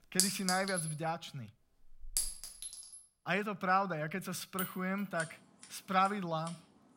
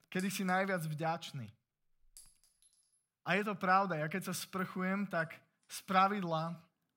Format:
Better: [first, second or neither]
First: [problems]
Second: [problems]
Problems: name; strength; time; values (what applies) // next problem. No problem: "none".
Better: second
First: household noises; loud; throughout; 3 dB below the speech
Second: household noises; faint; throughout; 25 dB below the speech